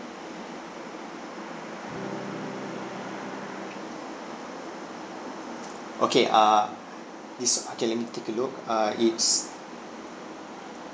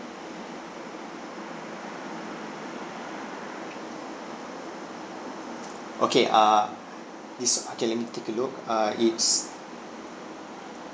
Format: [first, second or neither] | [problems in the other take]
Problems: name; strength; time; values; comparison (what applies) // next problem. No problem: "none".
second | background sound (Electric guitar / Strum); 11 dB below the speech